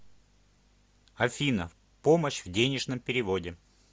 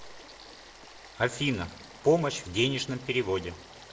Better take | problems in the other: first | background sound (Stream / Frog); 19 dB below the speech // room echo; dies away in 0.7 s

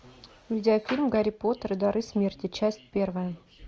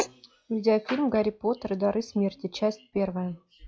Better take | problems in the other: first | noise reduction (classical method log-MMSE)

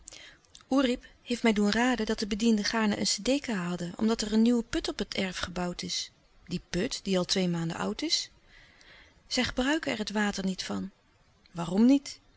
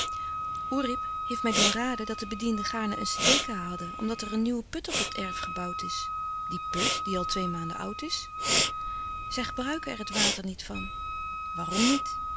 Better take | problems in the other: first | background sound (Respiratory sounds + Wind instrument, woodwind instrument); 2 dB above the speech

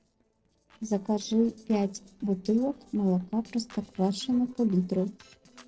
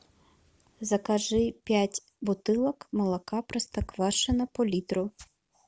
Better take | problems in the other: second | noise reduction (neural separator model SepFormer DNS4)

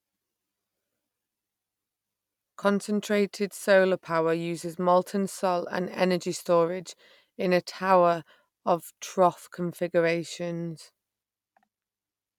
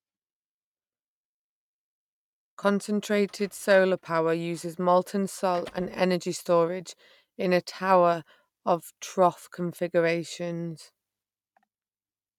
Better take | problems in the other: first | noise reduction (neural mask model RNNoise)

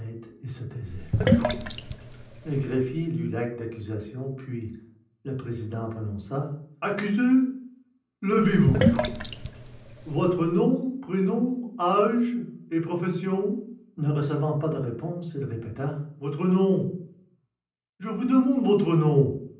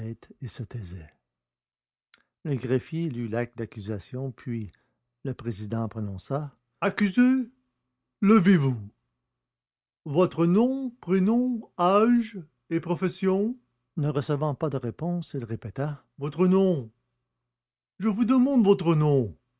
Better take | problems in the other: second | background sound (Sink (filling or washing)); 1 dB below the speech // room echo; dies away in 0.6 s

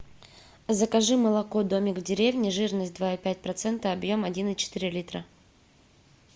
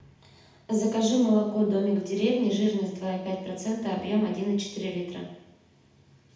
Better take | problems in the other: first | room echo; dies away in 0.8 s

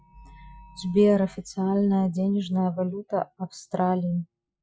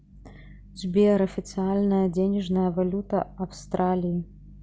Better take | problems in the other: second | noise reduction (classical method Wiener filter)

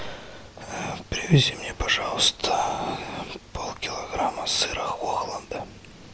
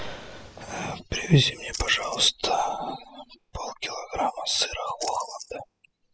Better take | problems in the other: first | noise reduction (classical method spectral subtraction)

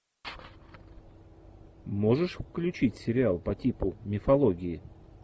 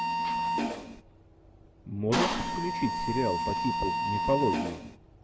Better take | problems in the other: first | background sound (Mechanisms); 2 dB above the speech

